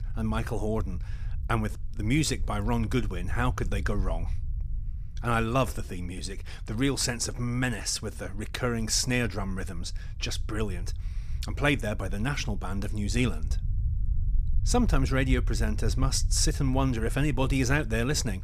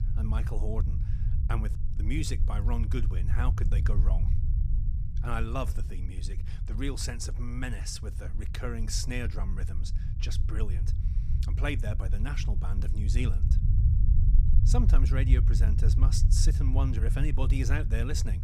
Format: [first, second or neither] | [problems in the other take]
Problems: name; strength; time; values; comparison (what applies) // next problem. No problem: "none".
first | low rumble; loud; throughout; 7 dB below the speech; faint in the first